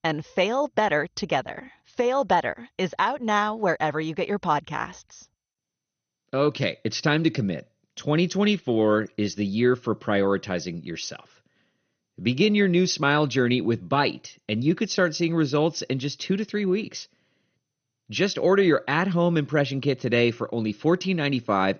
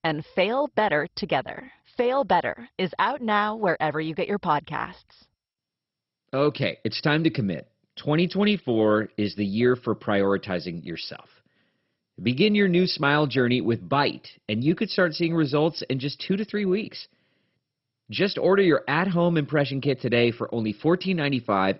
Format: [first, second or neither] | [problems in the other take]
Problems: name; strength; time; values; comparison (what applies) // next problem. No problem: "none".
first | garbled, watery; badly; nothing above 5.5 kHz; slightly in the first